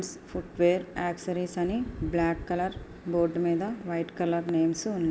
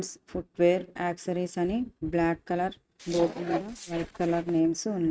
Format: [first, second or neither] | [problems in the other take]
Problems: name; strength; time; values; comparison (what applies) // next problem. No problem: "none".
first | noise reduction (neural mask model RNNoise)